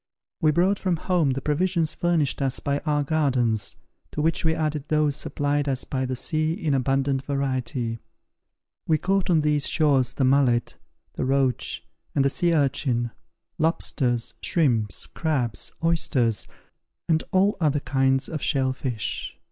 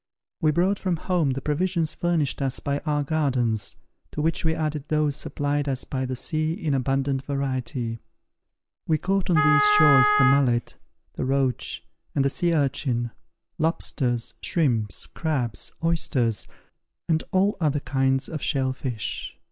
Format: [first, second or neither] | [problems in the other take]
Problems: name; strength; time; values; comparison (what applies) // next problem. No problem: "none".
first | background sound (Wind instrument, woodwind instrument); as loud as the speech